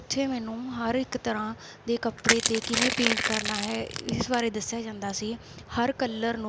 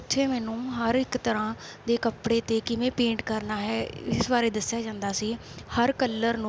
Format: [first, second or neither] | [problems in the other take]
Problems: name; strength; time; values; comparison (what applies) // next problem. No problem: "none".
second | background sound (Crushing); as loud as the speech